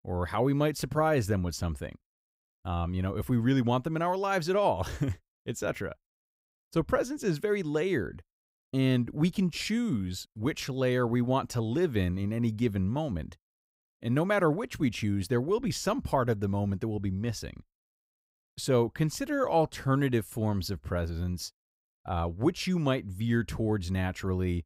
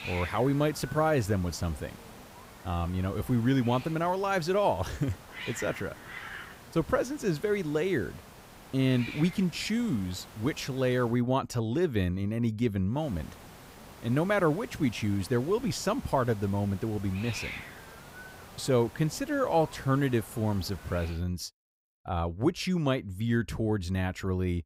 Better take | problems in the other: first | hiss; noticeable; until 11 s and from 13 to 21 s; 15 dB below the speech

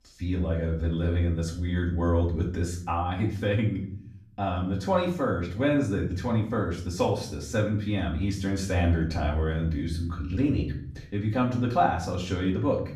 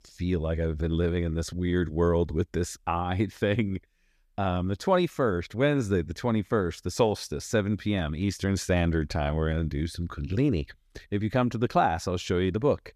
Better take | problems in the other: second | off-mic speech; far // room echo; slight; dies away in 0.6 s

